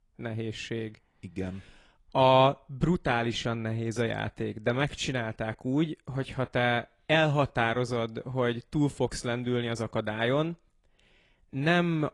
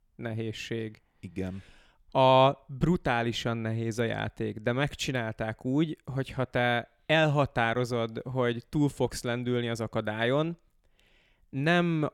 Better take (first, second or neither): second